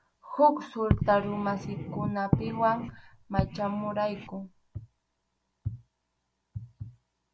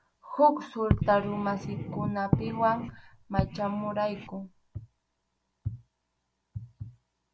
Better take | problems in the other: first | background sound (Electric guitar); 17 dB below the speech

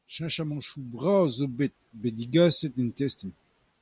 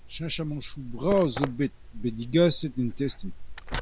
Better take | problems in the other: first | background sound (Liquid); 8 dB below the speech

